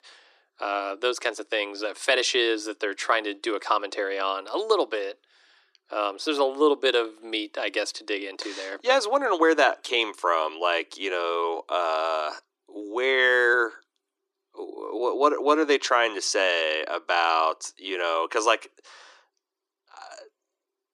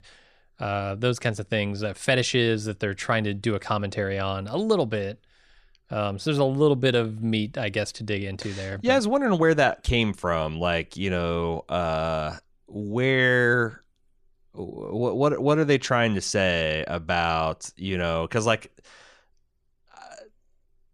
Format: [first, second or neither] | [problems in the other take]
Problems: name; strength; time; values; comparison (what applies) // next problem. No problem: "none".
second | thin; very; fading below 300 Hz